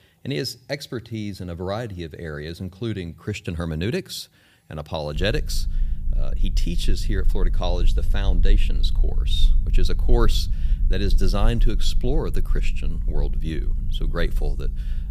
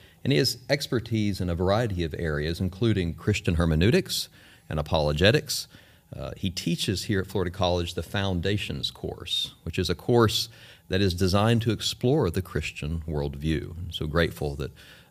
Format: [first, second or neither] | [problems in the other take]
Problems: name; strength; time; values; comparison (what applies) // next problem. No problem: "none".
second | low rumble; noticeable; from 5 s on; 15 dB below the speech